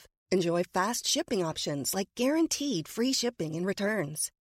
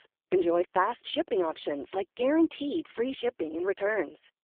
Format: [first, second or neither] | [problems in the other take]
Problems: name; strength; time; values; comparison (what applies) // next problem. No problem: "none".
first | phone-call audio; poor line